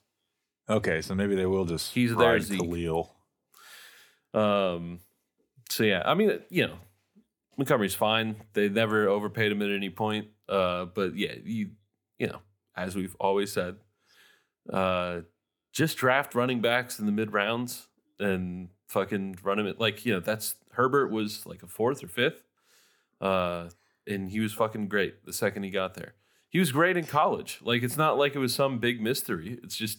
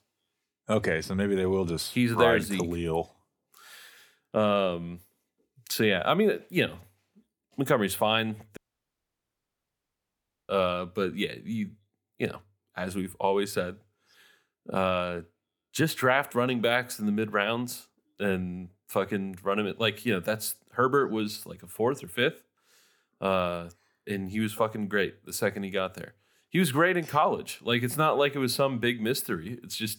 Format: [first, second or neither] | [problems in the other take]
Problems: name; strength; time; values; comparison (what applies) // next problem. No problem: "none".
first | audio cutting out; at 8.5 s for 2 s